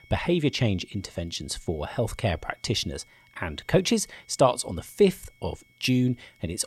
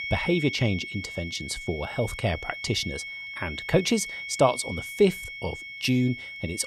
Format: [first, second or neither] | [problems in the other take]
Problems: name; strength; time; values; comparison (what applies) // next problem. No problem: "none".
first | high-pitched whine; loud; throughout; 2 kHz, 8 dB below the speech; faint in the first